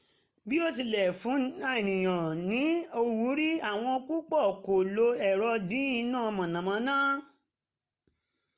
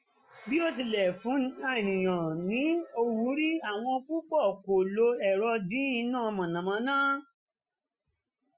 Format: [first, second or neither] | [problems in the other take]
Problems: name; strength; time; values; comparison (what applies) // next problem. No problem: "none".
first | noise reduction (classical method Wiener filter)